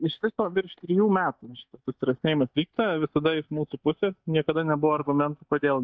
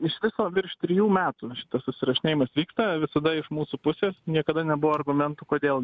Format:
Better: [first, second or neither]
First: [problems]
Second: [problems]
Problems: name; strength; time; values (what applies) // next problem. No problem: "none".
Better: second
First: noise reduction (neural mask model DeepFilterNet 3)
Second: none